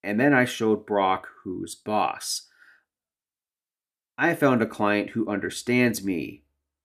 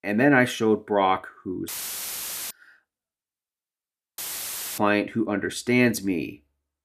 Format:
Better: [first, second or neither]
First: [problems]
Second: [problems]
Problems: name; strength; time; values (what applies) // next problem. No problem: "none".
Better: first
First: none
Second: audio cutting out; filled with static; at 1.5 s for 1 s and at 4 s for 0.5 s